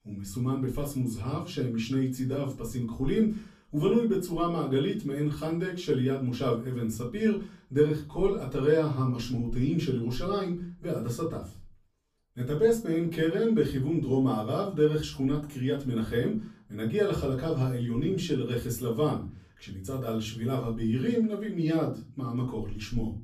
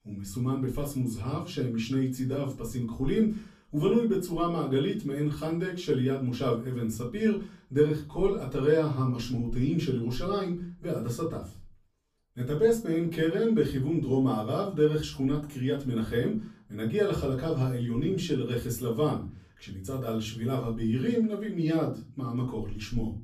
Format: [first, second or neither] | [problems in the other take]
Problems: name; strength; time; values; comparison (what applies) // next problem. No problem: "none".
neither | room echo; slight; dies away in 0.3 s; the same in both // off-mic speech; far; the same in both